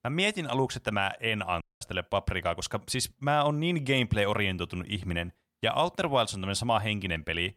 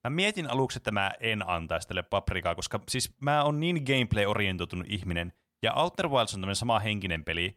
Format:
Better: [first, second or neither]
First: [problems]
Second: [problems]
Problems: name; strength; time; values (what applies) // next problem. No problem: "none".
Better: second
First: audio cutting out; at 1.5 s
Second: none